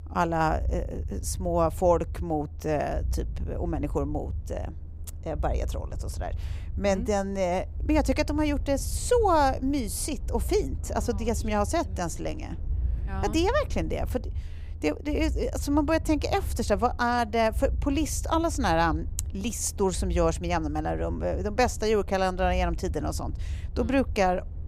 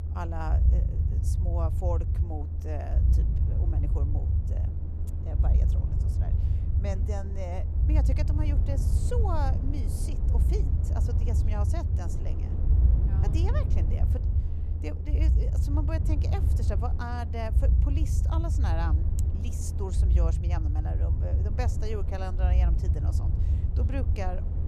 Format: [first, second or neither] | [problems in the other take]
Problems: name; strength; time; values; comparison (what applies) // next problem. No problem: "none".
first | low rumble; loud; throughout; 4 dB below the speech; faint in the first